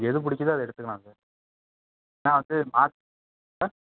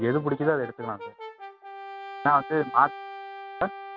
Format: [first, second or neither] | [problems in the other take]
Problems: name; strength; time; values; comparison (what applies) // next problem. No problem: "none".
first | background sound (Brass instrument); 12 dB below the speech